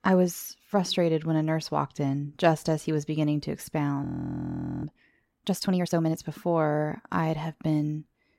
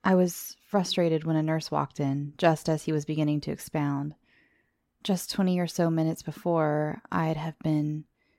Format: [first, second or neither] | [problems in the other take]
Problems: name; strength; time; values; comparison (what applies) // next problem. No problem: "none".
second | audio freezing; at 4 s for 1 s